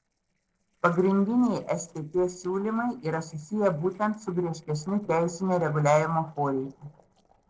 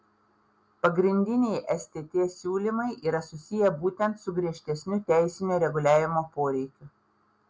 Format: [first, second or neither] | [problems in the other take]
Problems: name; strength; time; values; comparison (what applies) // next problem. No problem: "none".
second | noise reduction (neural separator model SepFormer DNS4)